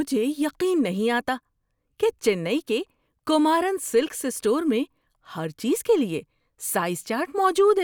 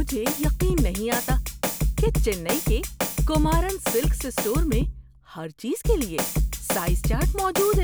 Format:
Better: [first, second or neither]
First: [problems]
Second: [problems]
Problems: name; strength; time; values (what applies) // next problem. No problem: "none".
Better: first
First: none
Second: background sound (Drum kit); 4 dB above the speech